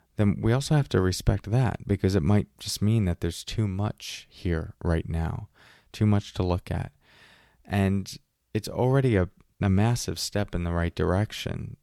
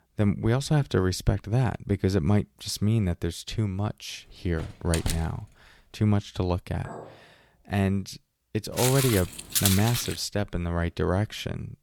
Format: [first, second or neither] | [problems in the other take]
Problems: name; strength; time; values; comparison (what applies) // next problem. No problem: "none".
first | door banging; noticeable; at 4.5 s; peak 4 dB below the speech // clattering dishes; faint; at 7 s; peak 15 dB below the speech // footsteps; loud; from 9 to 10 s; peak 3 dB above the speech